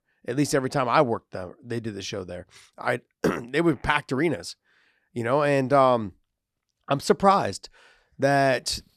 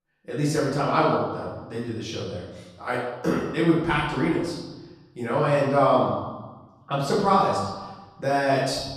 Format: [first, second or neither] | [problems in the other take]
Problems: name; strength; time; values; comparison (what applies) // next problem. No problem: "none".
first | off-mic speech; far // room echo; noticeable; dies away in 1.1 s